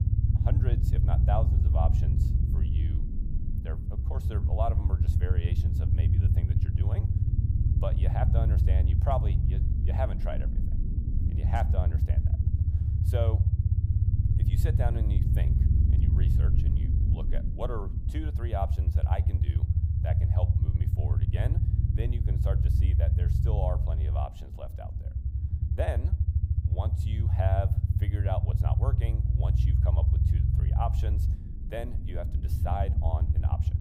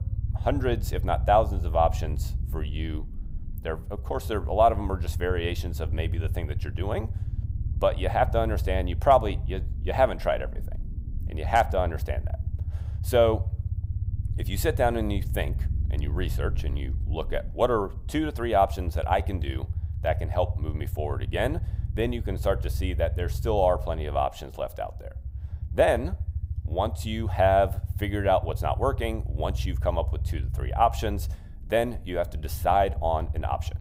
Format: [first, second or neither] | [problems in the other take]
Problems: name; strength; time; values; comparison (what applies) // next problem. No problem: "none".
second | low rumble; loud; throughout; 4 dB below the speech; faint in the second